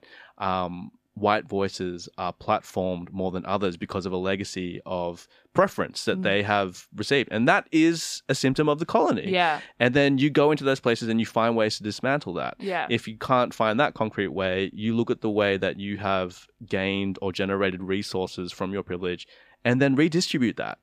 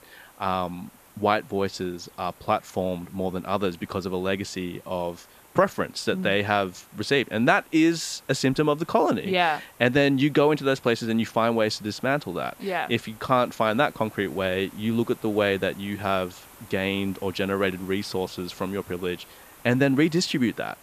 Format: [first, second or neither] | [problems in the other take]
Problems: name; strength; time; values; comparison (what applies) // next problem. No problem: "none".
first | hiss; faint; throughout; 25 dB below the speech